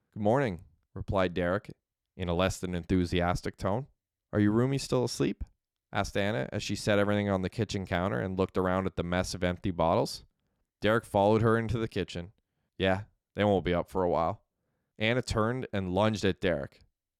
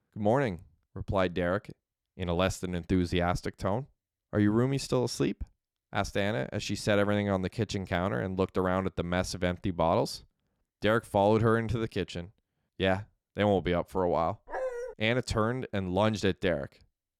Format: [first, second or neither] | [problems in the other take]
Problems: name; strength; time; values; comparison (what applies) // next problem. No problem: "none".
first | dog barking; noticeable; at 14 s; peak 5 dB below the speech